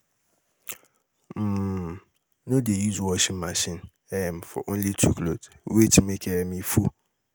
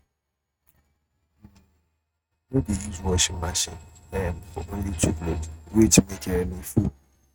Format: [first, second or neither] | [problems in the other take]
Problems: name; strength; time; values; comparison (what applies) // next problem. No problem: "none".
first | noise reduction (neural mask model RNNoise)